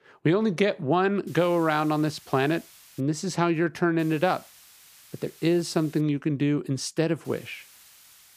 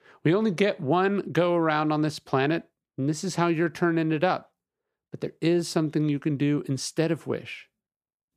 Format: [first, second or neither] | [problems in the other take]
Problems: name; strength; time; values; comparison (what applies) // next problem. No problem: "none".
second | hiss; faint; from 1.5 to 3 s, from 4 to 6 s and from 7.5 s on; 25 dB below the speech